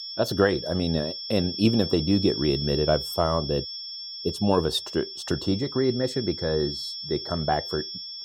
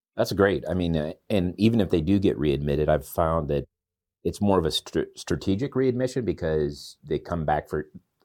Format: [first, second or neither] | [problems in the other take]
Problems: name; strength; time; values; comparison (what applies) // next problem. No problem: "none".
second | high-pitched whine; loud; throughout; 5.5 kHz, 7 dB below the speech